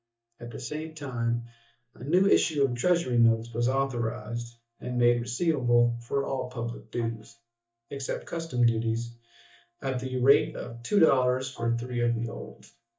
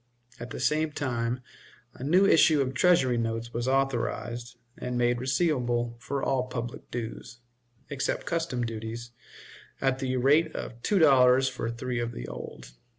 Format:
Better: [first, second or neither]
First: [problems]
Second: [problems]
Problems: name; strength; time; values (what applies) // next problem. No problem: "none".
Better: second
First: noise reduction (neural mask model DeepFilterNet 3)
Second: none